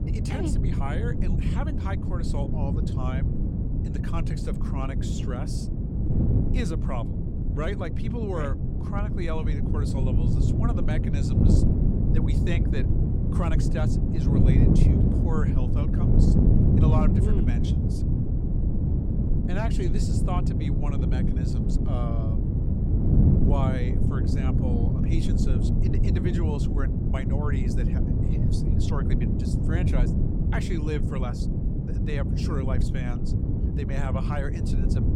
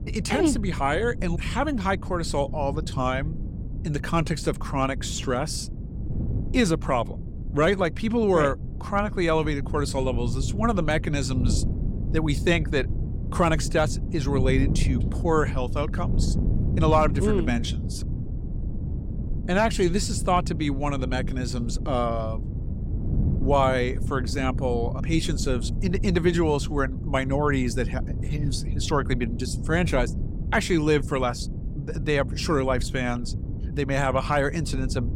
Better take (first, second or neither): second